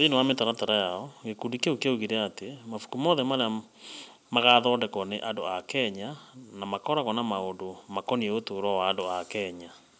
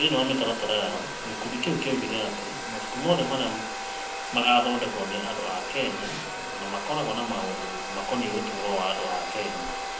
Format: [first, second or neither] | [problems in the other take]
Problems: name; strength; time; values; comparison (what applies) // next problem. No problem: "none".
first | background sound (Domestic sounds, home sounds); 5 dB below the speech // room echo; dies away in 0.6 s